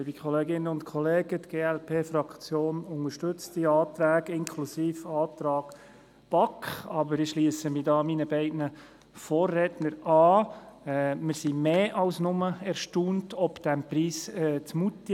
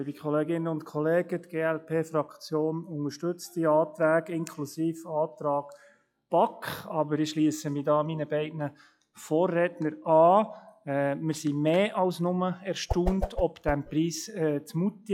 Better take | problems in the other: first | noise reduction (classical method log-MMSE)

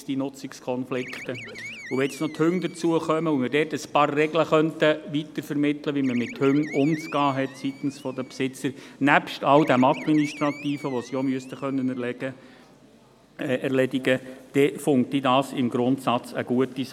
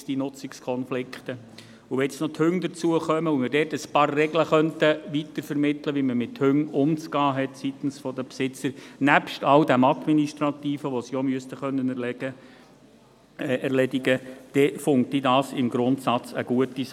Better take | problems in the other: second | background sound (Animal); 18 dB below the speech

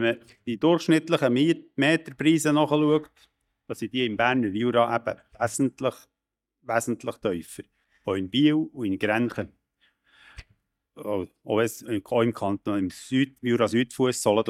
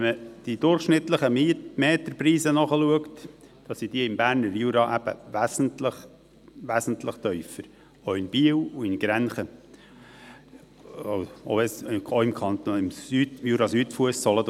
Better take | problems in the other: second | noise reduction (neural mask model DeepFilterNet 3)

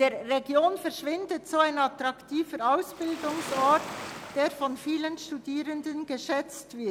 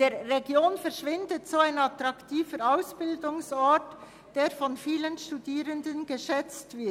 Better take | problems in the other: second | background sound (Waves, surf); 12 dB below the speech

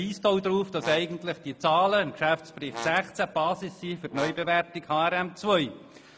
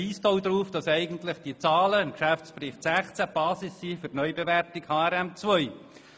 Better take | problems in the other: second | background sound (Brass instrument); 15 dB below the speech

